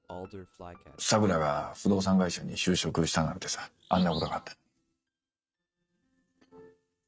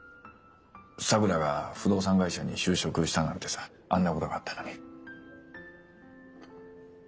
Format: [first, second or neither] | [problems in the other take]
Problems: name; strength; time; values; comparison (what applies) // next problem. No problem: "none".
second | noise reduction (neural mask model RNNoise)